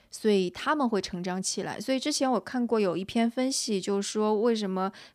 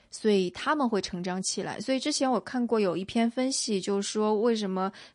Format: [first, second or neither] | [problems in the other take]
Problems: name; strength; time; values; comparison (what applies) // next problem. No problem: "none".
first | garbled, watery; slightly; nothing above 10 kHz